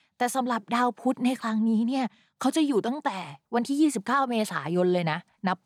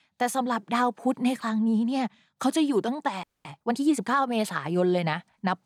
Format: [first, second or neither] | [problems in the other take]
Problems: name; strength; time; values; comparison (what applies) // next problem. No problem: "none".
first | audio freezing; at 3 s